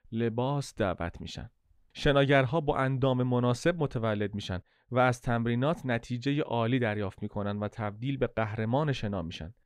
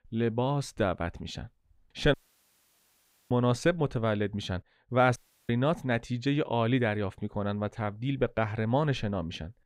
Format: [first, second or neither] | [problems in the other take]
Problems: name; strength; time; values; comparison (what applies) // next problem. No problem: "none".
first | audio cutting out; at 2 s for 1 s and at 5 s